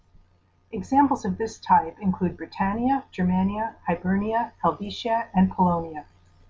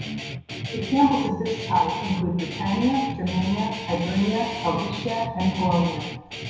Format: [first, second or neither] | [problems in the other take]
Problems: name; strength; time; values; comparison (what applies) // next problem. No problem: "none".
first | background sound (Guitar); 9 dB below the speech // room echo; dies away in 1 s